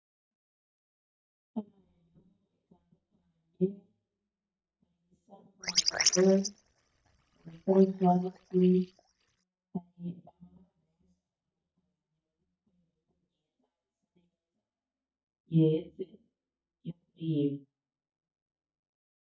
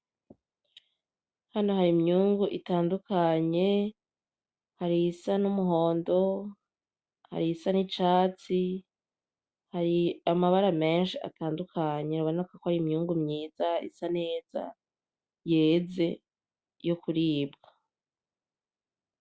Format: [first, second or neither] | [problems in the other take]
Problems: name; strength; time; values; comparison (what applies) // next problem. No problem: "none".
second | noise reduction (neural mask model DeepFilterNet 3)